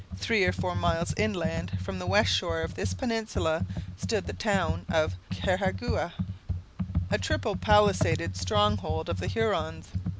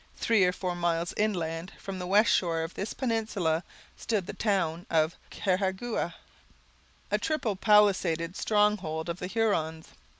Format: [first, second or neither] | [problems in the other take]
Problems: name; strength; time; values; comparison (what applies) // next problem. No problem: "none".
second | background sound (Computer keyboard); 3 dB below the speech